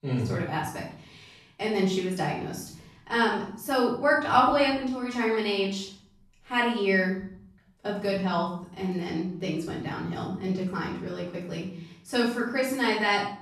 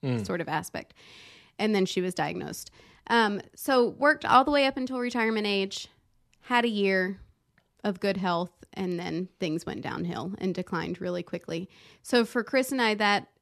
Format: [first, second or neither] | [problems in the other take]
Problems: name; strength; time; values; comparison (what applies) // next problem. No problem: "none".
second | off-mic speech; far // room echo; noticeable; dies away in 0.6 s